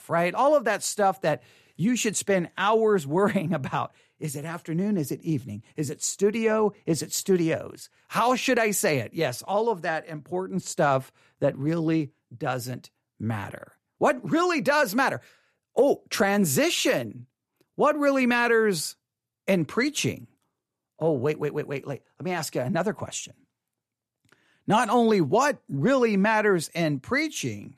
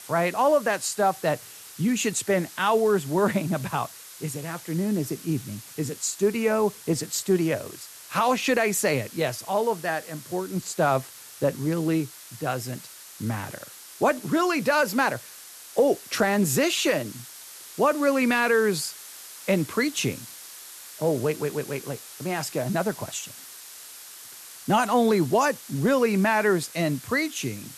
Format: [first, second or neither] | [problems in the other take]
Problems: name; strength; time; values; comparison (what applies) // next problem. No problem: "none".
first | hiss; noticeable; throughout; 15 dB below the speech